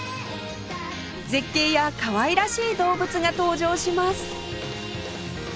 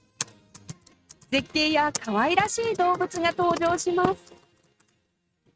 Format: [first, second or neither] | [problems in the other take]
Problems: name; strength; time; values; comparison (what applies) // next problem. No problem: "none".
first | noise reduction (neural mask model RNNoise)